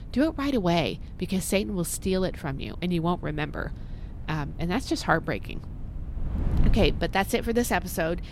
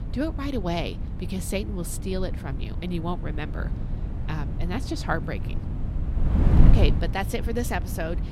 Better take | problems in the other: first | wind noise on the microphone; heavy; 7 dB below the speech; occasional gusts in the first

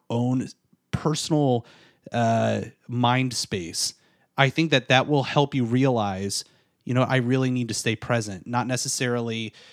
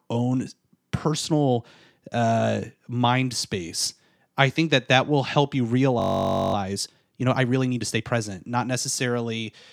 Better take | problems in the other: first | audio freezing; at 6 s for 0.5 s

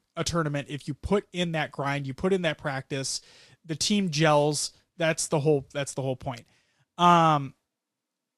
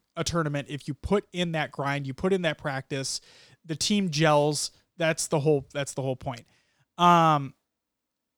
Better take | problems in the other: second | garbled, watery; slightly; nothing above 11.5 kHz

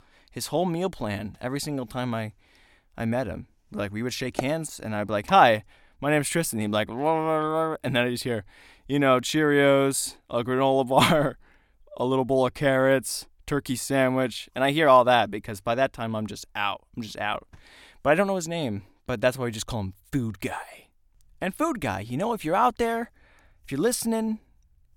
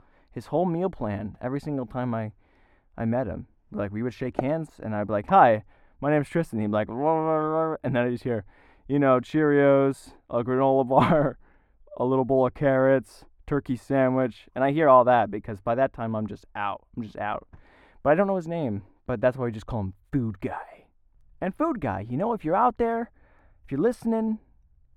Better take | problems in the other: first | muffled; very; fading above 2.5 kHz

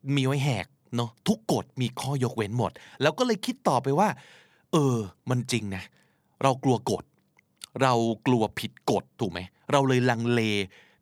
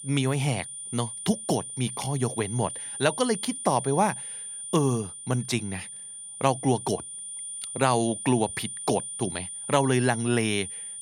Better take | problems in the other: first | high-pitched whine; loud; throughout; 9 kHz, 8 dB below the speech

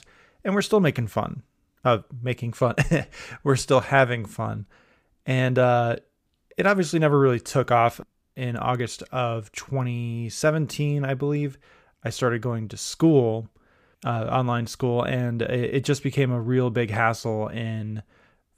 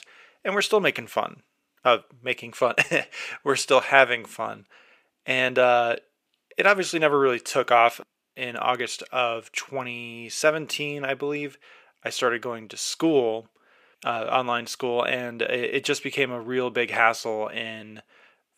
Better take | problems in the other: first | thin; somewhat; fading below 400 Hz

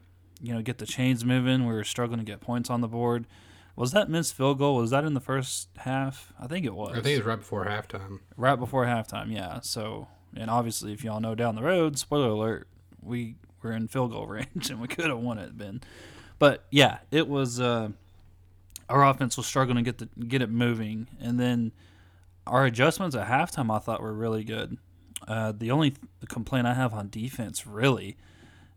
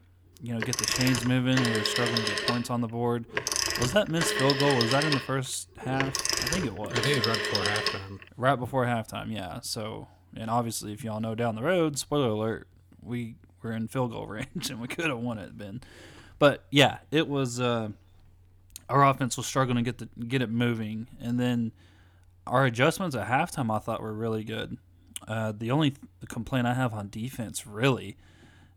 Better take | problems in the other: first | phone ringing; loud; from 0.5 to 8 s; peak 2 dB above the speech

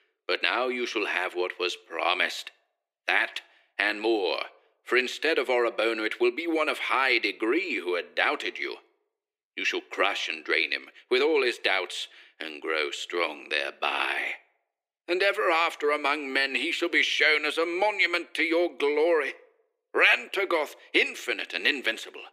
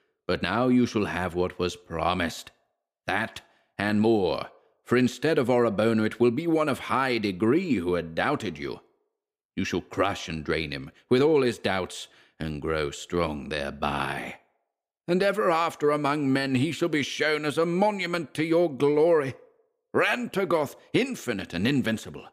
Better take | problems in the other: second | thin; very; fading below 350 Hz

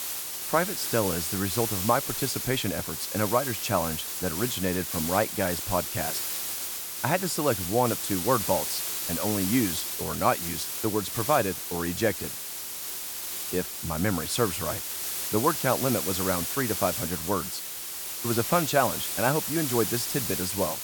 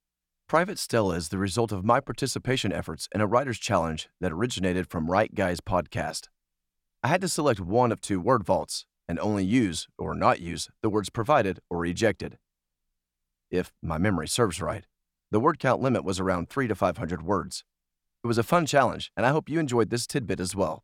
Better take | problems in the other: second | hiss; loud; throughout; 2 dB below the speech

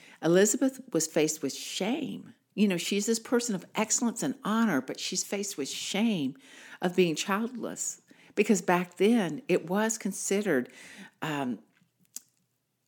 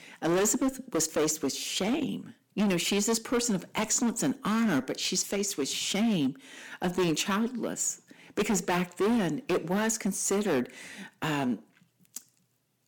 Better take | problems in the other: first | distortion; heavy; 12% of the sound clipped

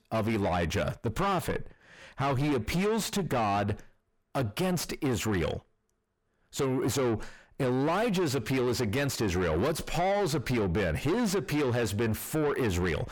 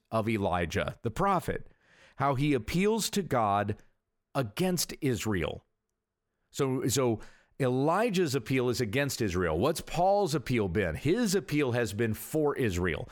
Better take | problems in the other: second | distortion; heavy; 7 dB below the speech

